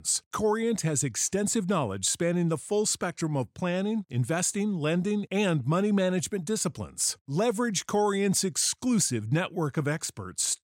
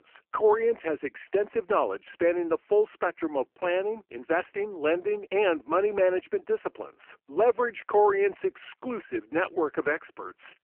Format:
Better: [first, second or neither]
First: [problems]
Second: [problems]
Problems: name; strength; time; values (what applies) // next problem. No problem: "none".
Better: first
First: none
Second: phone-call audio; poor line; nothing above 2.5 kHz